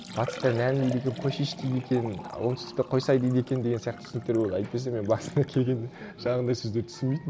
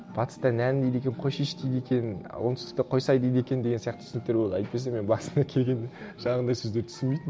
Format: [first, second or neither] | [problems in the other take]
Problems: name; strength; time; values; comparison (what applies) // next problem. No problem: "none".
second | background sound (Liquid); 17 dB below the speech